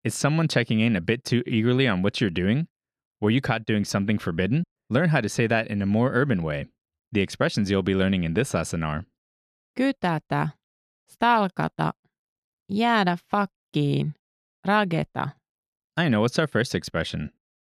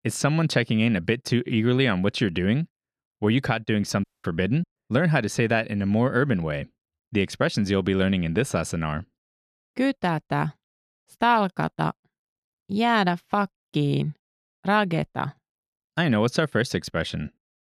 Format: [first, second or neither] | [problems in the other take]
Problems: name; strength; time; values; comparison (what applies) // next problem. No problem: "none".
first | audio cutting out; at 4 s